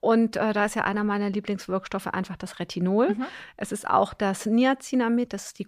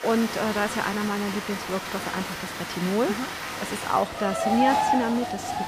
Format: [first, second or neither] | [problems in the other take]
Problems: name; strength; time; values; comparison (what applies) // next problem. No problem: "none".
first | crowd noise; loud; throughout; 2 dB below the speech